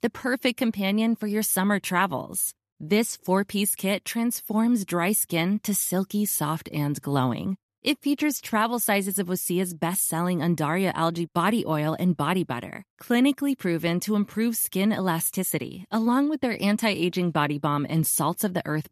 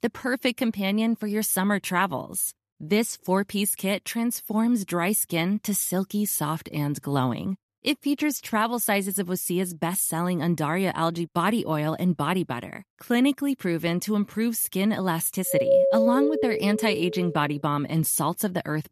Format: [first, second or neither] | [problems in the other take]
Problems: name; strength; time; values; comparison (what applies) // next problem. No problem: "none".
first | doorbell; loud; from 16 to 17 s; peak 6 dB above the speech